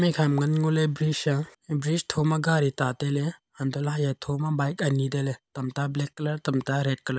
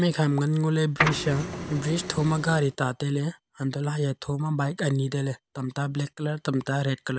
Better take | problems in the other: first | background sound (Printer); 5 dB below the speech

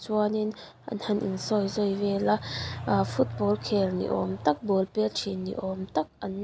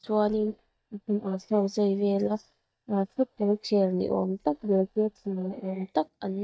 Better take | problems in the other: first | noise reduction (neural mask model DeepFilterNet 3)

